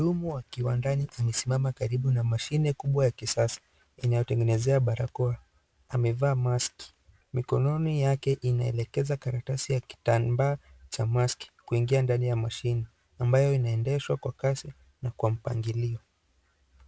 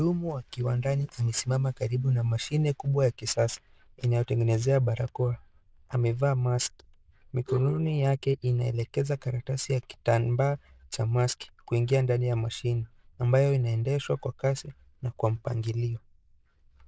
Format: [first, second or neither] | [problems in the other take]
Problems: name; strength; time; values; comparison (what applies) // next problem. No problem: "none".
first | noise reduction (neural diffusion model UNIVERSE++)